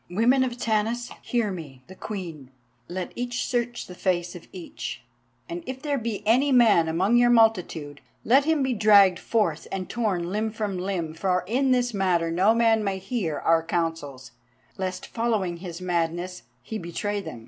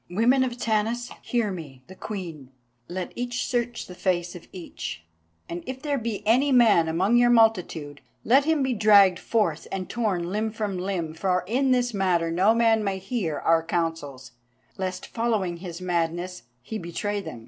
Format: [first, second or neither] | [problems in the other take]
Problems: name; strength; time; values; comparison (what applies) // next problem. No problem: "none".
first | noise reduction (neural separator model SepFormer DNS4)